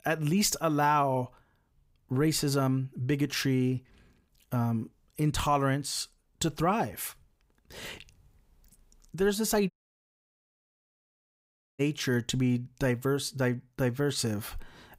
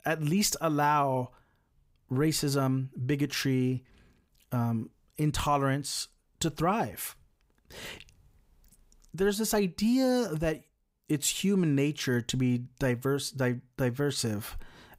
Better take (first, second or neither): second